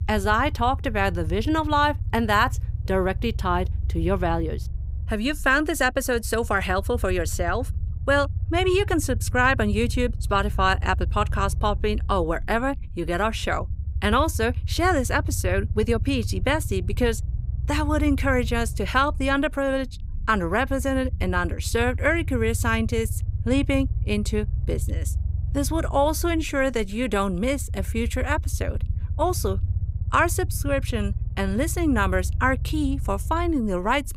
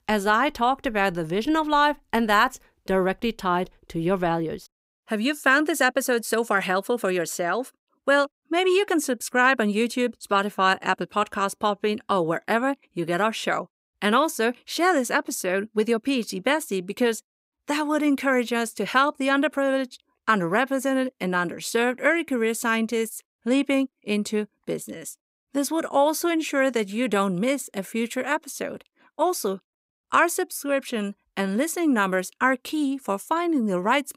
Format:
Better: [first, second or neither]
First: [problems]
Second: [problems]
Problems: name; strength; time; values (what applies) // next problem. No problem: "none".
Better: second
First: low rumble; faint; throughout; 20 dB below the speech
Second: none